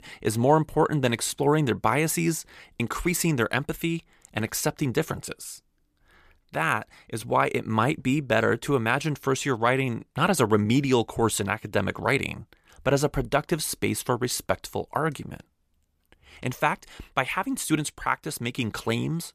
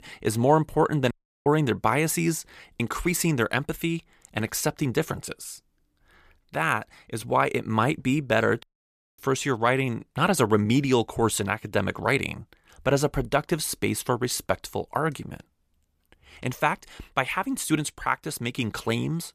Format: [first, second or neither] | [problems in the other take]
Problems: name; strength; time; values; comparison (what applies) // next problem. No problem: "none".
first | audio cutting out; at 1 s and at 8.5 s for 0.5 s